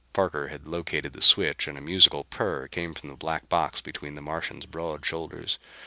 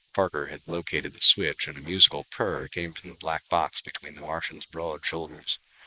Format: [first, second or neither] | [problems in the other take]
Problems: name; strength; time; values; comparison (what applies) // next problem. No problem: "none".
first | noise reduction (neural mask model Resemble Enhance denoiser)